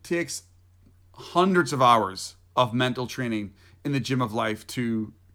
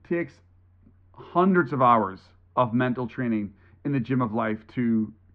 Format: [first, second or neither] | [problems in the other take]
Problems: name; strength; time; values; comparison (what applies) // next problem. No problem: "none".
first | muffled; very; fading above 2 kHz